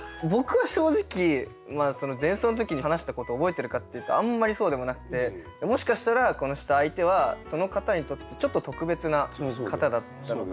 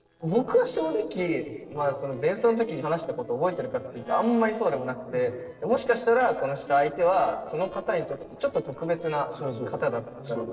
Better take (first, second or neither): first